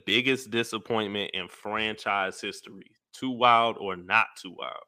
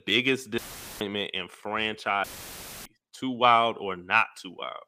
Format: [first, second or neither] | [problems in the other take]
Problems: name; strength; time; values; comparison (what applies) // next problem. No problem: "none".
first | audio cutting out; filled with static; at 0.5 s and at 2 s for 0.5 s